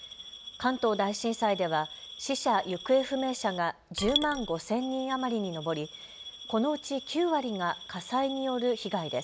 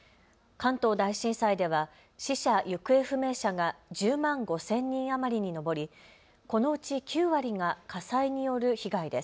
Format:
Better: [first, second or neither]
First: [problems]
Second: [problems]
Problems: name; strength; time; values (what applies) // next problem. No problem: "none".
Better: second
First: background sound (Coin (dropping) / Glass); 12 dB below the speech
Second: none